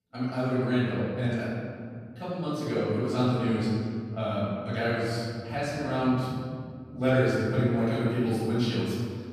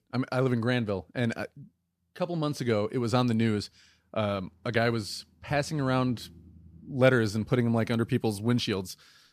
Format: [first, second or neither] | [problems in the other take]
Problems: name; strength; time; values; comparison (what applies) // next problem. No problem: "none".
second | room echo; strong; dies away in 2.1 s // off-mic speech; far